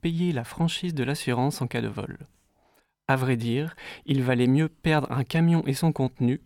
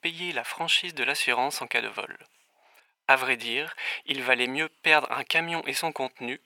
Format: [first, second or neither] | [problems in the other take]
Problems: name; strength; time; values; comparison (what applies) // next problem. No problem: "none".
first | thin; very; fading below 700 Hz